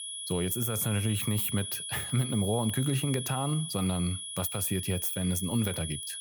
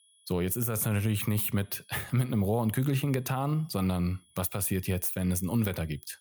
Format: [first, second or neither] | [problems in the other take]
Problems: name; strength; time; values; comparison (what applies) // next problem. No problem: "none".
second | high-pitched whine; loud; throughout; 3.5 kHz, 5 dB below the speech; faint in the second